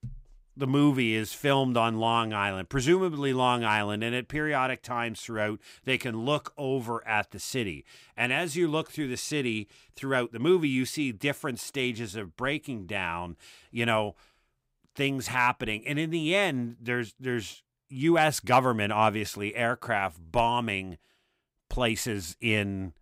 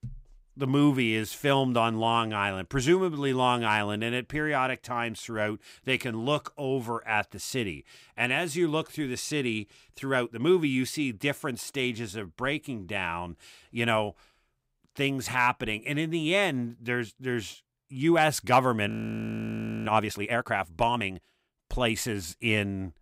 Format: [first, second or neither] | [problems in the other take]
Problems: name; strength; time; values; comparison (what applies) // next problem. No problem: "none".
first | audio freezing; at 19 s for 1 s